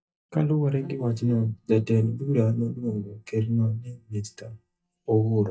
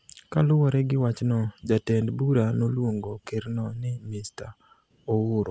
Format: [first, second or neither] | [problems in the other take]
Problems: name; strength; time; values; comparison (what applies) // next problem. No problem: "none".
second | noise reduction (neural mask model DeepFilterNet 3)